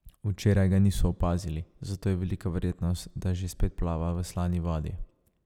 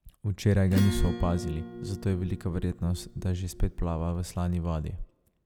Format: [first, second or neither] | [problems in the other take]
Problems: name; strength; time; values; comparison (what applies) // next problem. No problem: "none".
first | background sound (Acoustic guitar / Strum); 10 dB below the speech